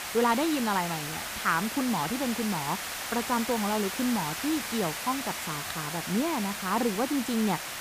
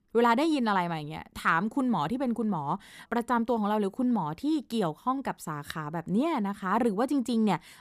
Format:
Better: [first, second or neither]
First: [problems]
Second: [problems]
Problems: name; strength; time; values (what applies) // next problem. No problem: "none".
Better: second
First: hiss; loud; throughout; 4 dB below the speech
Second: none